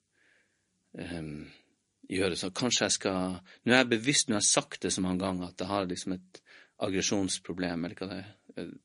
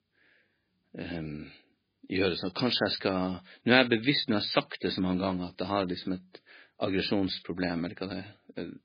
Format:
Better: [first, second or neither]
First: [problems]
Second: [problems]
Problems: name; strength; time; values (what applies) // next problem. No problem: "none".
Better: first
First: garbled, watery; slightly; nothing above 10 kHz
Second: garbled, watery; badly; nothing above 4.5 kHz